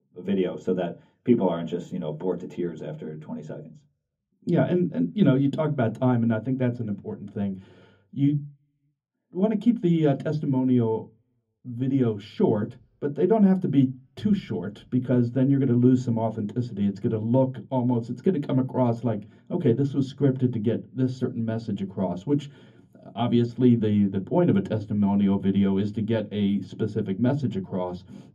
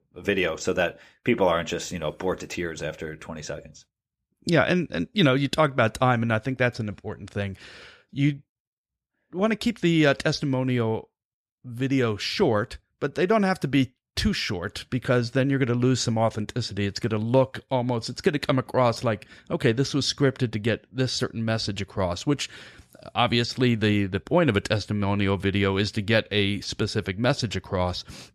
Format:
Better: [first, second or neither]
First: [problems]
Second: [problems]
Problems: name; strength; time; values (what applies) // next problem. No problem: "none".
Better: second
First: room echo; very slight; dies away in 0.3 s // off-mic speech; far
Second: none